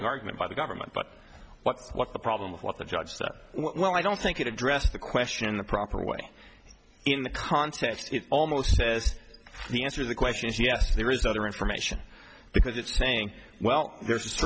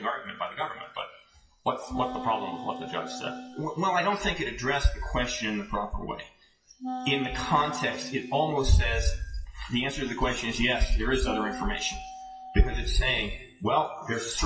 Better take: first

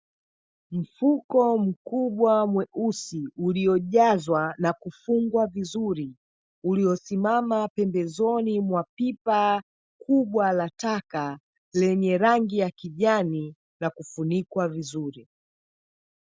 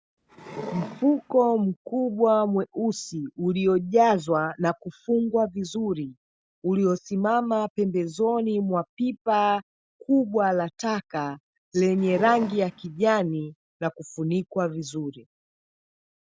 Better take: first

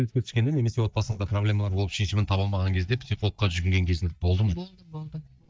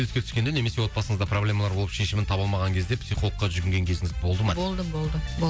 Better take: second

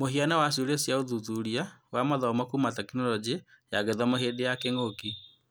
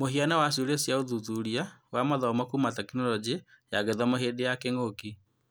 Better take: second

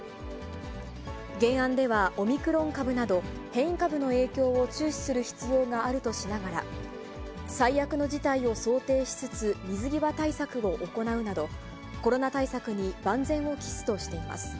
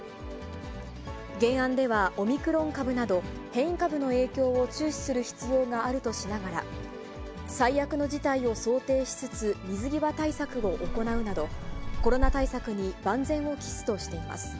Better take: first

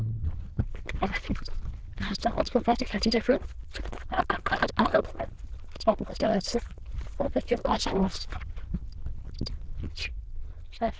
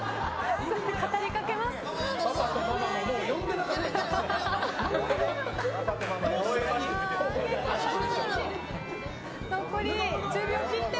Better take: second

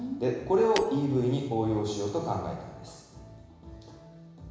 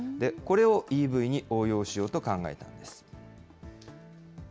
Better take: second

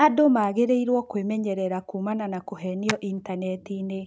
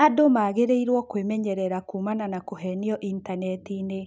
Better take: second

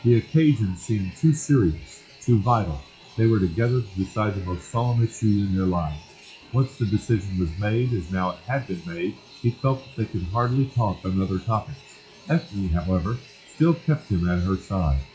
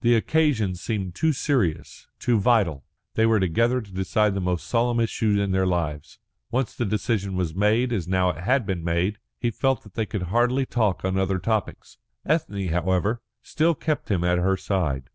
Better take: second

